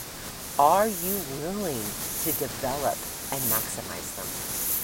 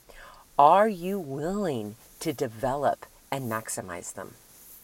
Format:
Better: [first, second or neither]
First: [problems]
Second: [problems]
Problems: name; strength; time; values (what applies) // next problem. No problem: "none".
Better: second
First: hiss; loud; throughout; 1 dB below the speech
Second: hiss; faint; throughout; 25 dB below the speech